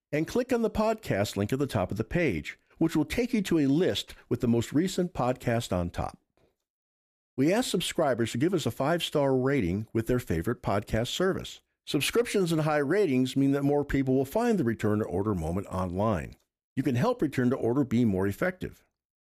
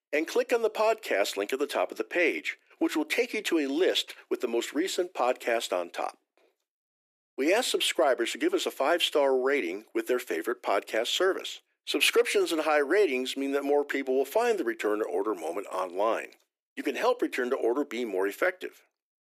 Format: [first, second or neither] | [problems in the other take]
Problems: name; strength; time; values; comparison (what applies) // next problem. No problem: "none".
first | thin; somewhat; fading below 350 Hz